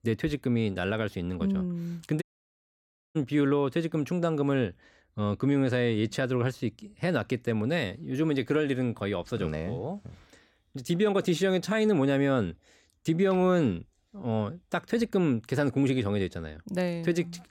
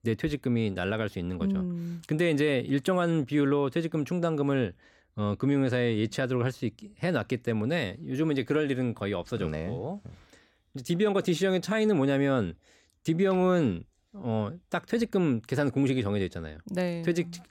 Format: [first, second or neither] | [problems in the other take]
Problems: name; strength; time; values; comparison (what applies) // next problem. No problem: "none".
second | audio cutting out; at 2 s for 1 s